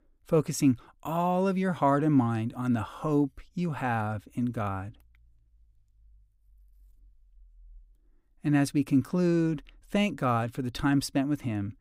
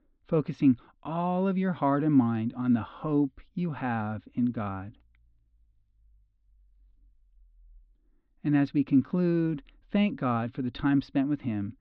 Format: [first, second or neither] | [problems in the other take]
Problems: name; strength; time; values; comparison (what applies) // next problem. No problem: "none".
first | muffled; slightly; fading above 4 kHz